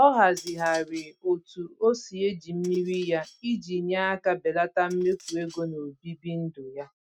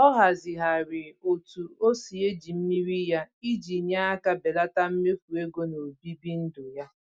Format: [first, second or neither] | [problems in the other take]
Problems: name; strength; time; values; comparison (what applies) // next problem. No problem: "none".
second | noise reduction (neural mask model RNNoise)